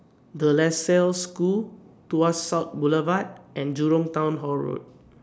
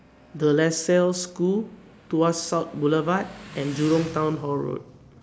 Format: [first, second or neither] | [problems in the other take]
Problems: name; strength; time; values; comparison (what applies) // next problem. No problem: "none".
first | background sound (Motorcycle); 20 dB below the speech